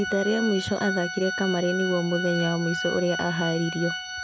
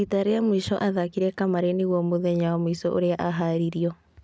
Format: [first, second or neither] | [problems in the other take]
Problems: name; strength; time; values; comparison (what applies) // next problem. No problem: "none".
second | background sound (Organ); 6 dB below the speech